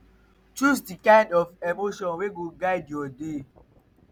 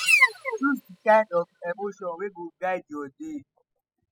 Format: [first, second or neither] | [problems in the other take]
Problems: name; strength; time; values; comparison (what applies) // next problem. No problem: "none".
first | noise reduction (classical method spectral subtraction)